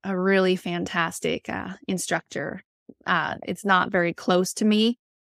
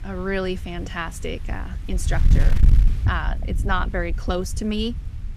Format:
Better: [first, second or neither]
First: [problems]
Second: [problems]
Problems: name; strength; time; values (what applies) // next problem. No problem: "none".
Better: first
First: none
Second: wind noise on the microphone; occasional gusts; 10 dB below the speech